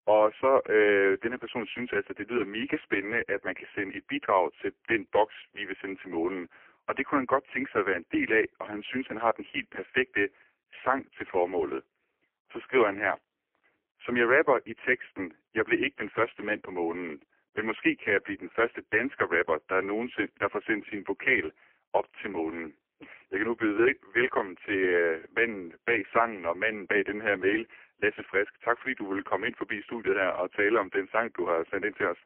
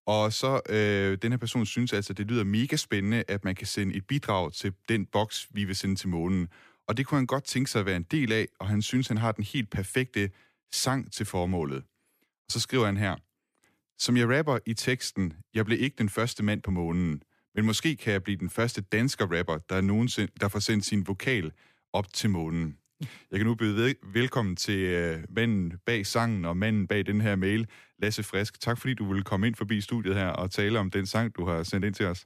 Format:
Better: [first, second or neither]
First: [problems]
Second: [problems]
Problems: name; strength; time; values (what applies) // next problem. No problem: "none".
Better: second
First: phone-call audio; poor line; nothing above 3 kHz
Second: none